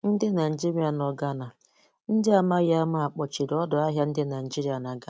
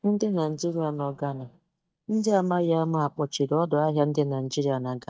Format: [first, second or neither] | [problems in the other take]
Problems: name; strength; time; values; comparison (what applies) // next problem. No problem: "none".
first | noise reduction (neural mask model DeepFilterNet 3)